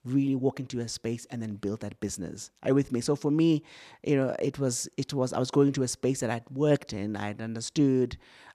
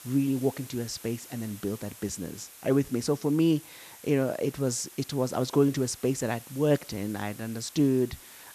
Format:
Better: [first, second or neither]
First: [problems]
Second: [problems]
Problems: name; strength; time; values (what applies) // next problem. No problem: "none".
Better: first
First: none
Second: hiss; noticeable; throughout; 15 dB below the speech